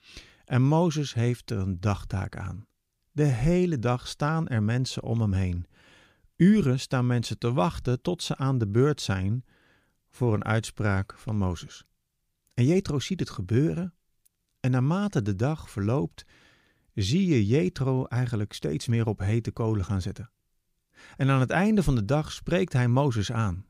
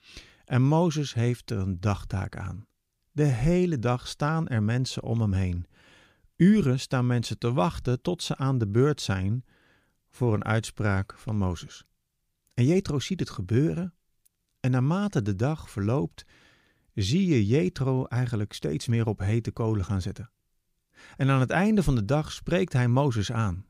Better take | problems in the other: neither | none

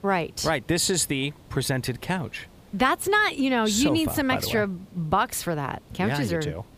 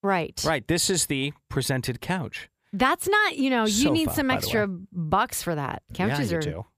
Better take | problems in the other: second | hiss; faint; throughout; 25 dB below the speech

